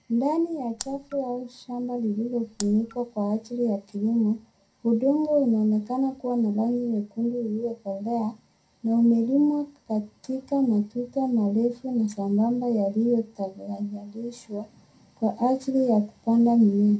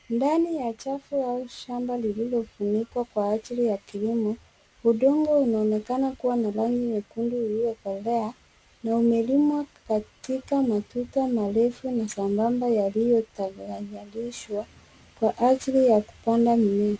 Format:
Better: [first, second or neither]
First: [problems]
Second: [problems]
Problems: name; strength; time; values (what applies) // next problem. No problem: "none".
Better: second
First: background sound (Raindrop); 16 dB below the speech // room echo; dies away in 0.2 s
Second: none